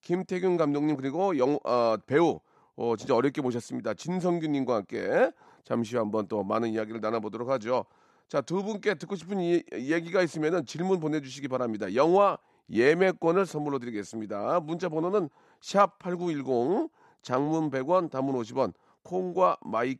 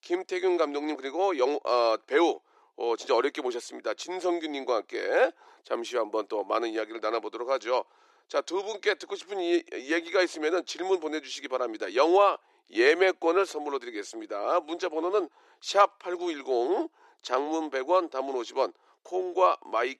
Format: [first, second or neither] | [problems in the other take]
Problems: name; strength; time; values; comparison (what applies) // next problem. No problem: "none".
first | thin; somewhat; fading below 350 Hz